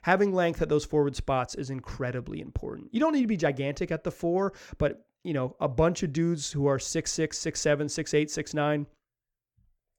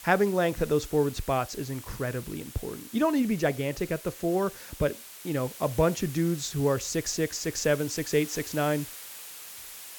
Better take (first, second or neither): first